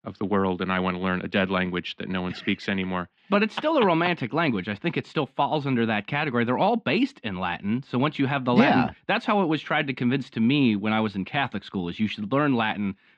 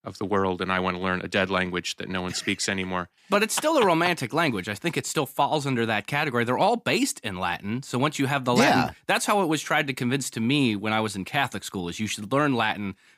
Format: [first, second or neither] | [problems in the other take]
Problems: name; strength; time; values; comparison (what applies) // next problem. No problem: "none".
second | muffled; slightly; fading above 3.5 kHz